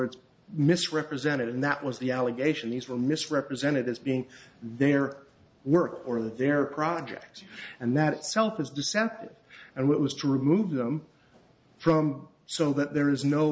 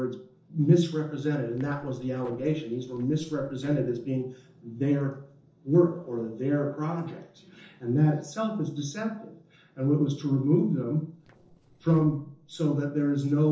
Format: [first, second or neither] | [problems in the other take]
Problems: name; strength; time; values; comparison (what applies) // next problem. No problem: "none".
first | noise reduction (neural separator model SepFormer DNS4)